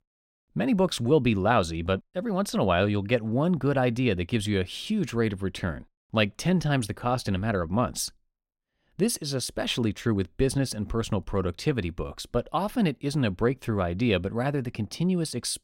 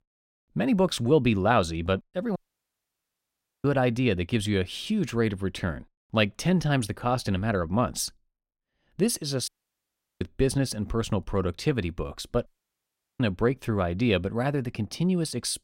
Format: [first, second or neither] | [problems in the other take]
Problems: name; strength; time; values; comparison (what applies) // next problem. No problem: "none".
first | audio cutting out; at 2.5 s for 1.5 s, at 9.5 s for 0.5 s and at 12 s for 0.5 s